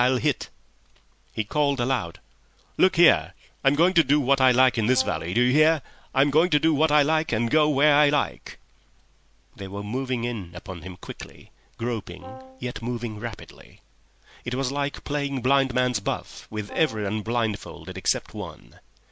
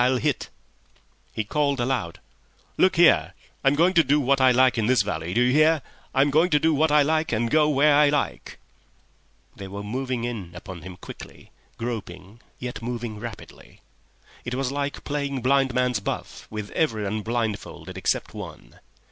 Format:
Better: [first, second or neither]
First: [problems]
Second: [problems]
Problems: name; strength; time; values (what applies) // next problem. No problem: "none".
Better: second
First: background sound (Brass instrument); 16 dB below the speech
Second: none